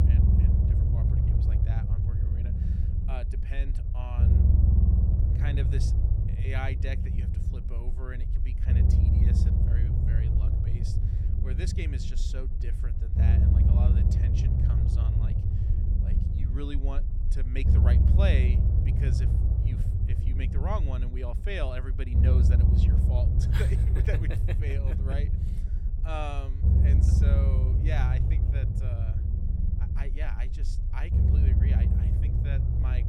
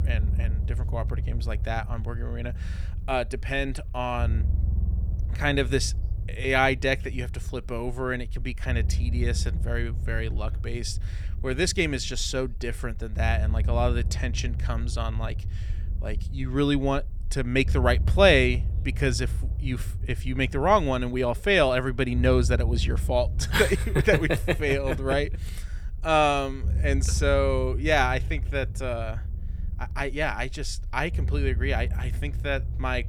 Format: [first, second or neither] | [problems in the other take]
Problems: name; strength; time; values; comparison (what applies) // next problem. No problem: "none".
second | low rumble; loud; throughout; as loud as the speech; faint in the second